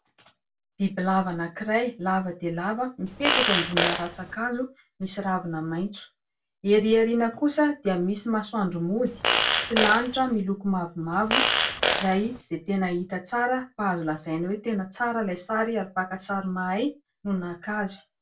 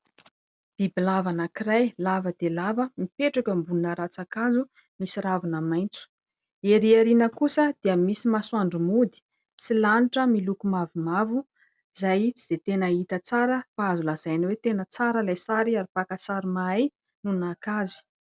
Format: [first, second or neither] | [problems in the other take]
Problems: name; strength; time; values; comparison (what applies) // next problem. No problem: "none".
second | background sound (Fart); 1 dB above the speech // room echo; dies away in 0.2 s